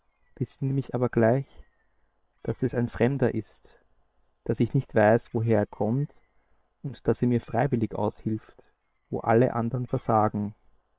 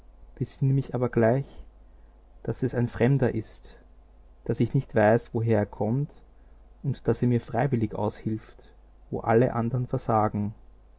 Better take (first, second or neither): second